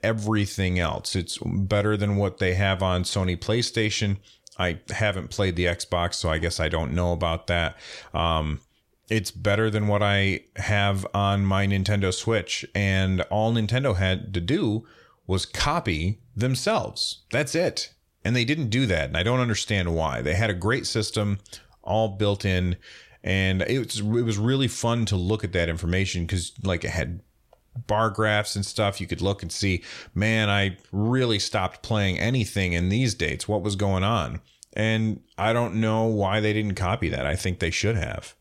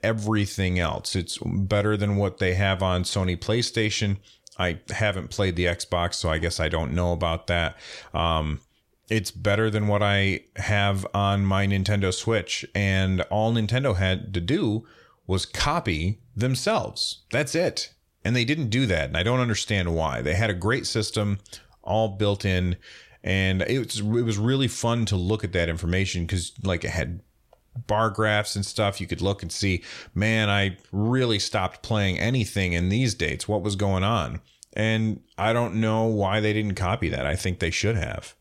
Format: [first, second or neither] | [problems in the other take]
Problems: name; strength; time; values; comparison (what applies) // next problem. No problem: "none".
neither | none